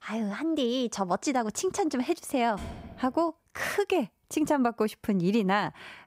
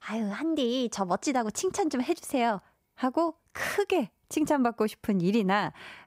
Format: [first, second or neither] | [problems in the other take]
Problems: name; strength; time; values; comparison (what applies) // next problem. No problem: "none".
second | door banging; faint; at 2.5 s; peak 15 dB below the speech